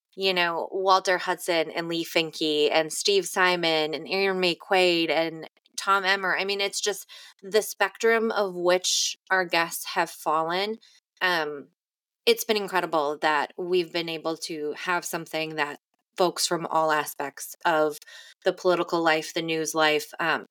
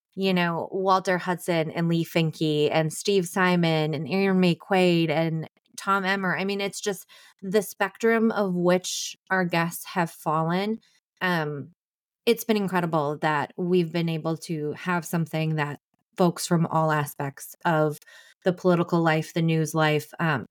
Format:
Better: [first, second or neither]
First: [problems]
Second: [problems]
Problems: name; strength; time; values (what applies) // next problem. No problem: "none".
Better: second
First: thin; somewhat; fading below 300 Hz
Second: none